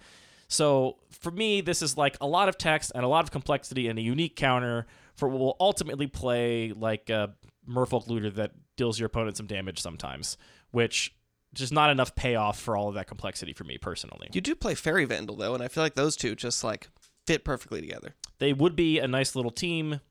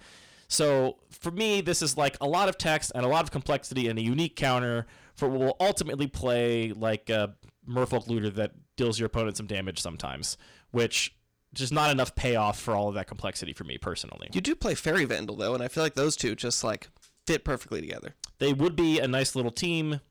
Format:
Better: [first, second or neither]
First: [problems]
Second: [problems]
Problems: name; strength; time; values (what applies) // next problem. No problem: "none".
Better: first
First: none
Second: distortion; slight; 4% of the sound clipped